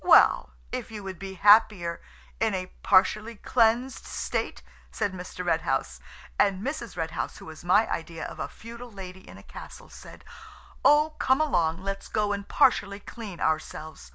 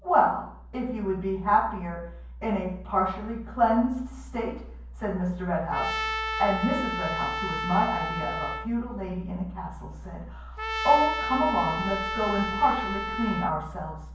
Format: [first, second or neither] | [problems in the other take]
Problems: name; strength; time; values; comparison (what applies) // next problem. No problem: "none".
first | background sound (Trumpet); 4 dB below the speech // room echo; dies away in 0.9 s